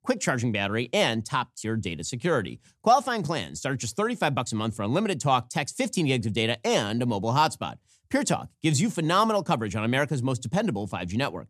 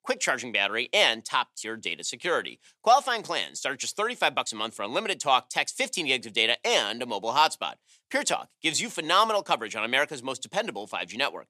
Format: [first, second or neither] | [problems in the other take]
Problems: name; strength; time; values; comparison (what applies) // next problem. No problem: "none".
first | thin; somewhat; fading below 500 Hz